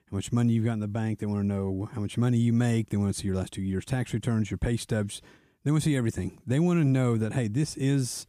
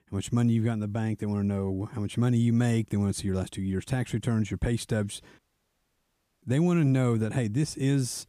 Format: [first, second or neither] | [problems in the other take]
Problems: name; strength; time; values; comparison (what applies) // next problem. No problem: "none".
first | audio cutting out; at 5.5 s for 1 s